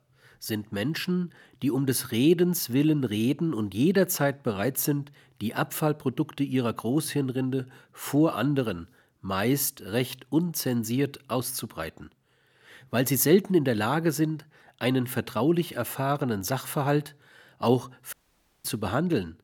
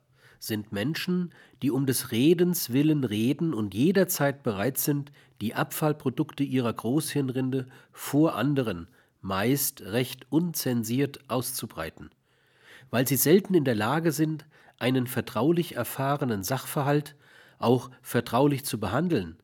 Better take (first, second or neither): second